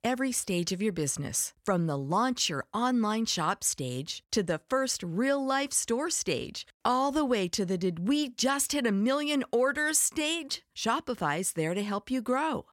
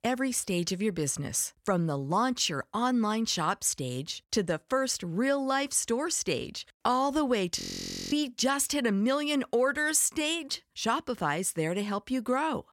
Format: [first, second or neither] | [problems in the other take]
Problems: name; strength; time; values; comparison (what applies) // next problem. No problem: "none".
first | audio freezing; at 7.5 s for 0.5 s